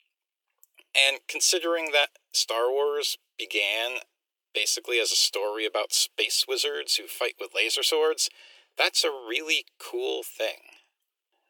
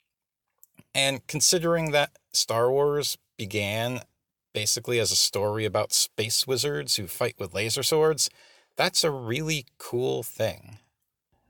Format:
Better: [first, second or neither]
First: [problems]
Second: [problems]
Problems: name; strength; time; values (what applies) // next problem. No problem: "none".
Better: second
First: thin; very; fading below 350 Hz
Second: none